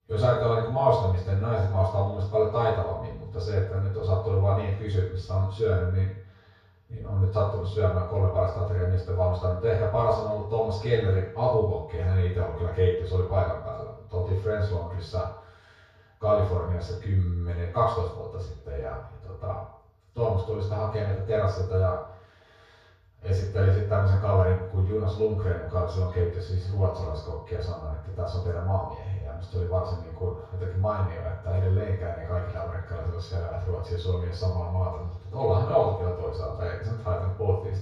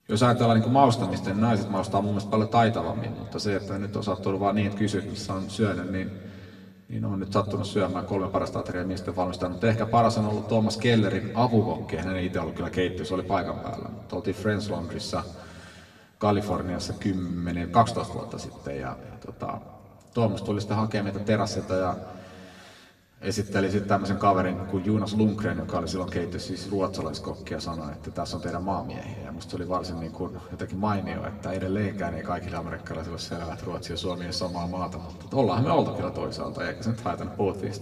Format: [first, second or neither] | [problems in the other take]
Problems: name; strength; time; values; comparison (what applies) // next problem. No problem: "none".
second | room echo; strong; dies away in 0.7 s; slight in the second // off-mic speech; far; somewhat distant in the second